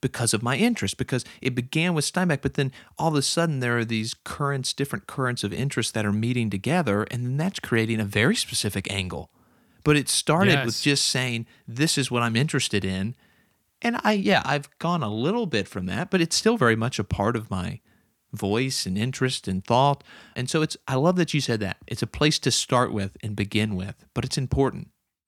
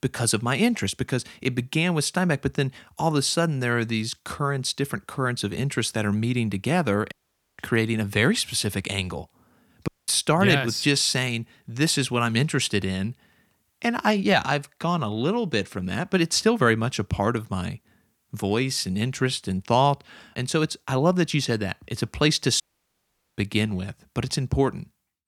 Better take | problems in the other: first | audio cutting out; at 7 s, at 10 s and at 23 s for 1 s

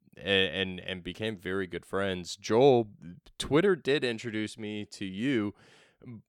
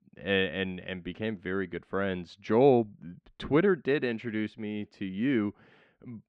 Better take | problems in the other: first | muffled; slightly; fading above 2 kHz

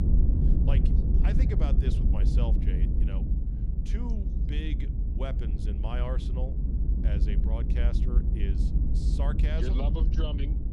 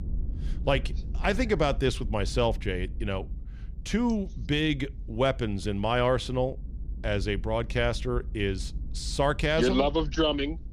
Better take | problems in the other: second | low rumble; loud; throughout; 1 dB below the speech; faint in the second

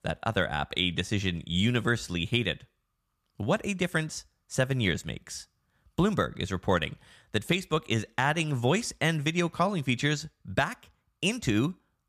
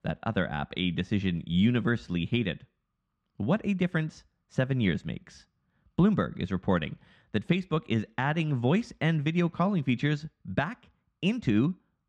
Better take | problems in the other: first | muffled; slightly; fading above 3.5 kHz

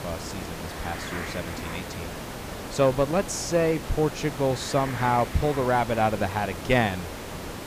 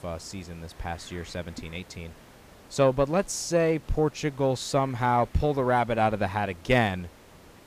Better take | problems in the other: second | hiss; loud; throughout; 9 dB below the speech; faint in the second

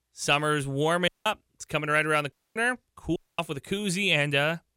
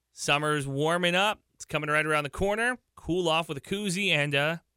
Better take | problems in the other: second | audio cutting out; at 1 s, at 2.5 s and at 3 s

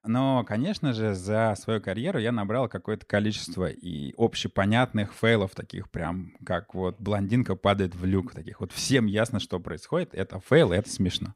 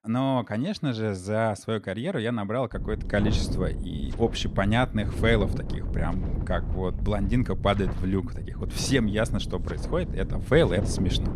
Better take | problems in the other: first | wind noise on the microphone; occasional gusts; from 2.5 s on; 15 dB below the speech

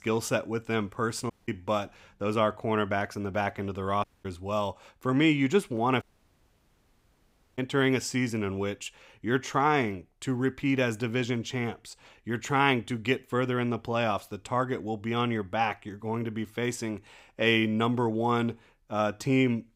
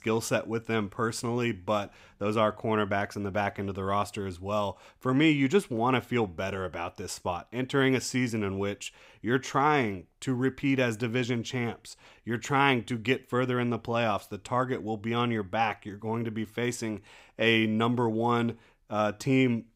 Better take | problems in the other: second | audio cutting out; at 1.5 s, at 4 s and at 6 s for 1.5 s

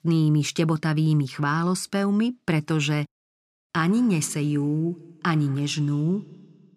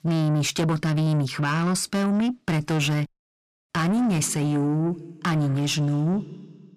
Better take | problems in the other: first | distortion; slight; 9 dB below the speech

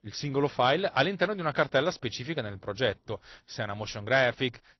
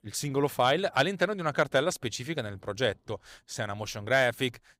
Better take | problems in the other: second | garbled, watery; slightly; nothing above 6 kHz

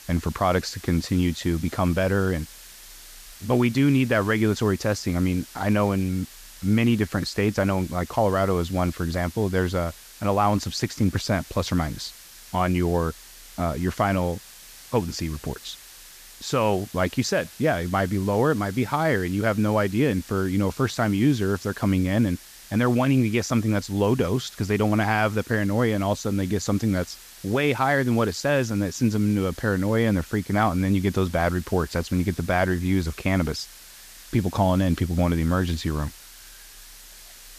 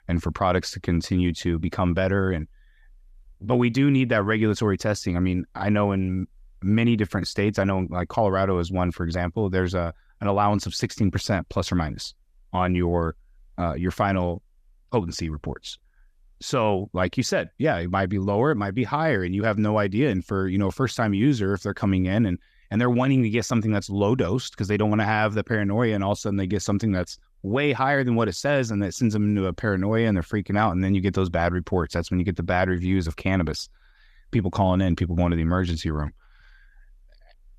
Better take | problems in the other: second | hiss; noticeable; throughout; 20 dB below the speech

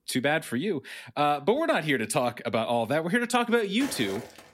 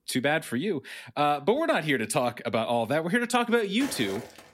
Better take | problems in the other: neither | footsteps; faint; at 4 s; peak 10 dB below the speech; the same in both

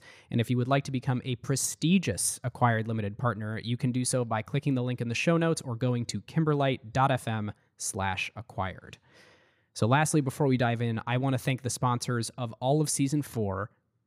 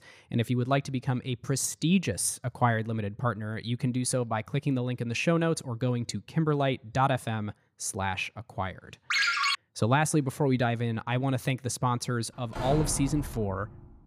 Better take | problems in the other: first | phone ringing; loud; at 9 s; peak 5 dB above the speech // door banging; noticeable; from 13 s on; peak 4 dB below the speech

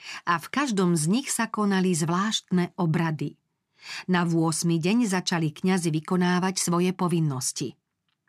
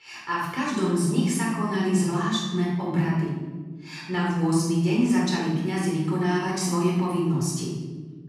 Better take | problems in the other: first | room echo; strong; dies away in 1.3 s // off-mic speech; far

